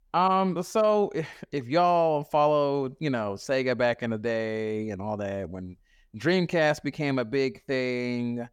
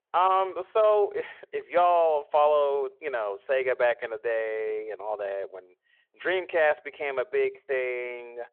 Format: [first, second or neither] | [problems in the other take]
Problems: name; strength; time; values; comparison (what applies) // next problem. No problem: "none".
first | phone-call audio